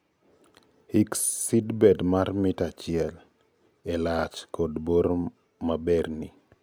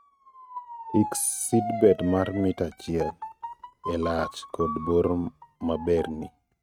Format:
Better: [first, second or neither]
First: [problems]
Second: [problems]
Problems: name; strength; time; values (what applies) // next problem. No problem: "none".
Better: first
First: none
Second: noise reduction (neural mask model RNNoise)